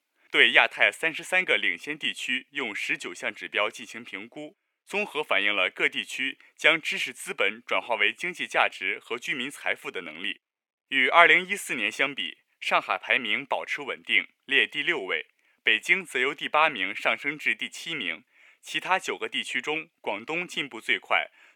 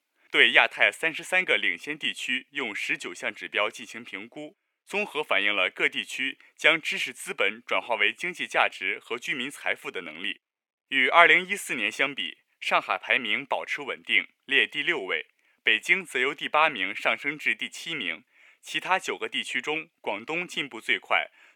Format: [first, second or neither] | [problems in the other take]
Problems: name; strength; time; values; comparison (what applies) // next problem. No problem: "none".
neither | thin; somewhat; fading below 450 Hz; the same in both